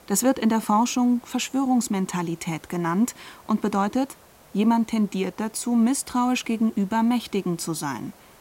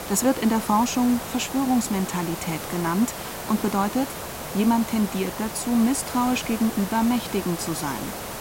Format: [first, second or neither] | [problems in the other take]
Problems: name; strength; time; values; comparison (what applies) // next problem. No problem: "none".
first | hiss; loud; throughout; 8 dB below the speech; faint in the first